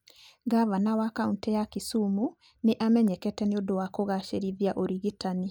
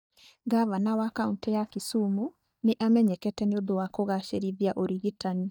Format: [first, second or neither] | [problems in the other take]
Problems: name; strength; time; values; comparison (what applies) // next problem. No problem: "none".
first | noise reduction (neural mask model DeepFilterNet 3)